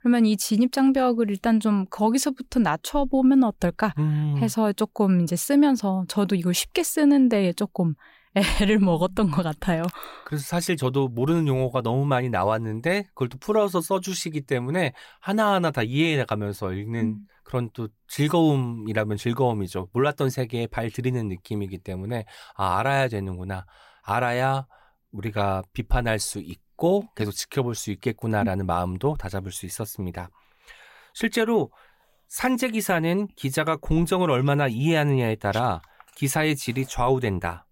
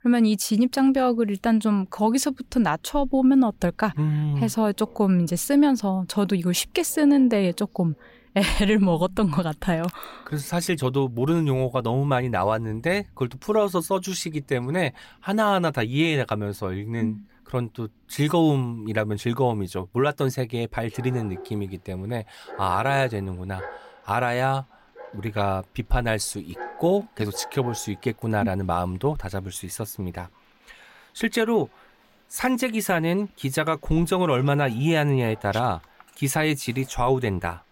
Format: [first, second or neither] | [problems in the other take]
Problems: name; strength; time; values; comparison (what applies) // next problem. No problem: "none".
first | animal sounds; faint; throughout; 20 dB below the speech